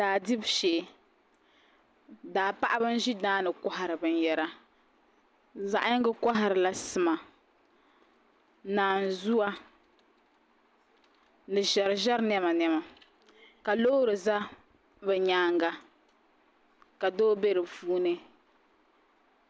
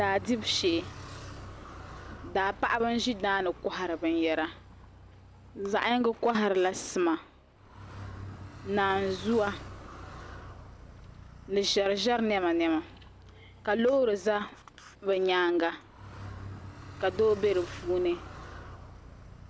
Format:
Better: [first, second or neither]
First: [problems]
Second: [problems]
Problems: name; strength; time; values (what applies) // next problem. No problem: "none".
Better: first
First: none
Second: background sound (Car); 16 dB below the speech